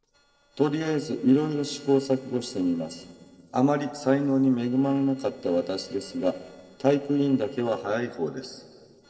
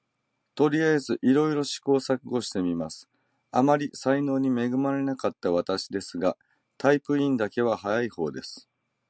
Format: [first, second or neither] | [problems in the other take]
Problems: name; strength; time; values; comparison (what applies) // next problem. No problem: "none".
second | noise reduction (neural separator model SepFormer DNS4)